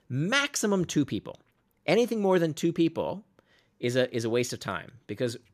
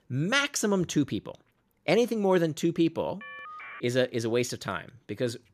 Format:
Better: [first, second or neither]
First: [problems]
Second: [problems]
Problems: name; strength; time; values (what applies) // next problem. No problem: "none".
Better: first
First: none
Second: phone ringing; faint; at 3 s; peak 15 dB below the speech